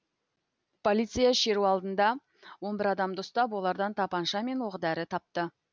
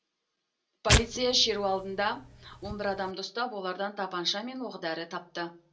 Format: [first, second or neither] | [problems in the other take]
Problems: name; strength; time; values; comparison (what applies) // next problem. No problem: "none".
first | background sound (Tearing); 1 dB above the speech // room echo; dies away in 0.2 s